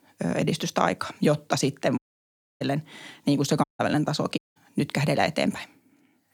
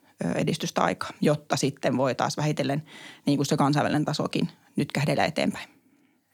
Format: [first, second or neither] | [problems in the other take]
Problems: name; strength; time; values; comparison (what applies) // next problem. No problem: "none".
second | audio cutting out; at 2 s for 0.5 s, at 3.5 s and at 4.5 s